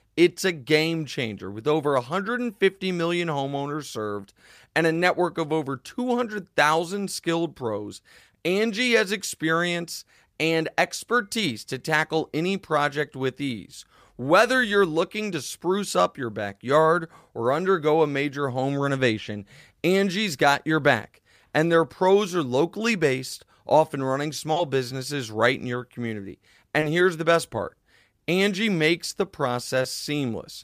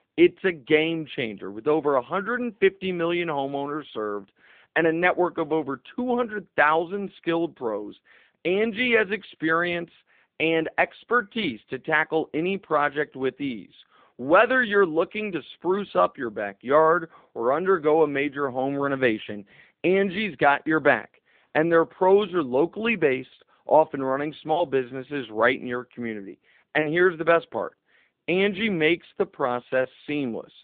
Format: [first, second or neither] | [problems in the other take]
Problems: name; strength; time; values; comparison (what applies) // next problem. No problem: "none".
first | phone-call audio